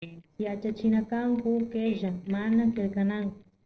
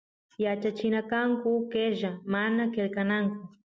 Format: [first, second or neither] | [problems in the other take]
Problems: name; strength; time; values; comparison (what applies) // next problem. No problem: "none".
second | noise reduction (neural separator model SepFormer DNS4)